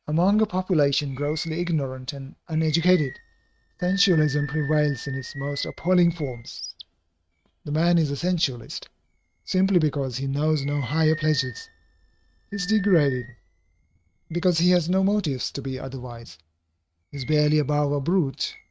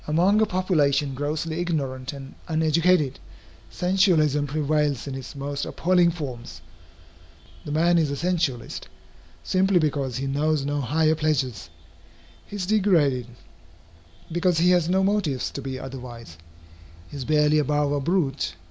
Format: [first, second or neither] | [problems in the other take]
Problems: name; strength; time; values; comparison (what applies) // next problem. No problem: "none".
second | noise reduction (neural mask model RNNoise)